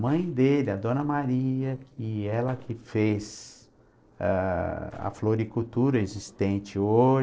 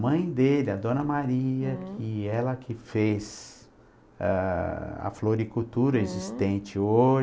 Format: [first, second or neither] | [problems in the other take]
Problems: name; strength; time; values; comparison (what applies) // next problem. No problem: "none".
second | noise reduction (neural separator model SepFormer DNS4)